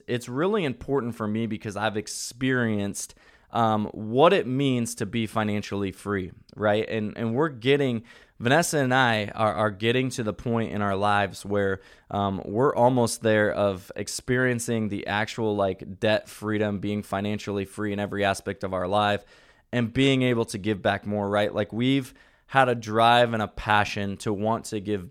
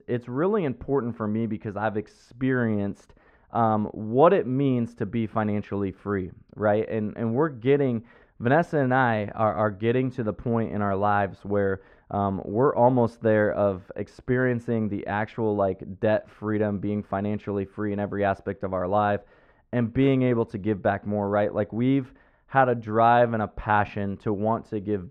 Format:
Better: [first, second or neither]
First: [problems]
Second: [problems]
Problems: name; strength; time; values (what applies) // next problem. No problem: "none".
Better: first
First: none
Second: muffled; very; fading above 3.5 kHz